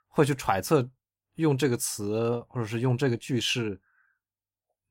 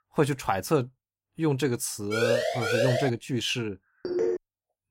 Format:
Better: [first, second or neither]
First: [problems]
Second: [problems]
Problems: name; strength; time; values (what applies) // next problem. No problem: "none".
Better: first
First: none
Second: siren; loud; at 2 s; peak 3 dB above the speech // phone ringing; loud; at 4 s; peak level with the speech